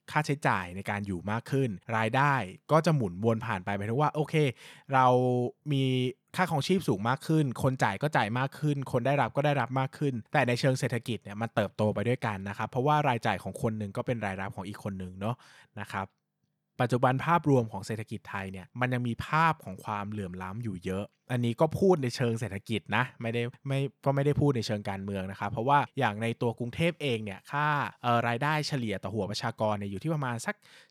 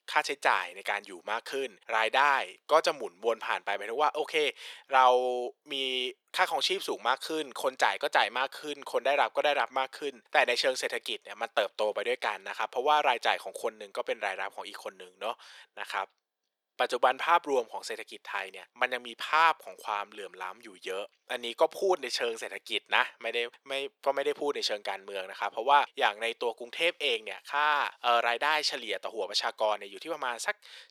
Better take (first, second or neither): first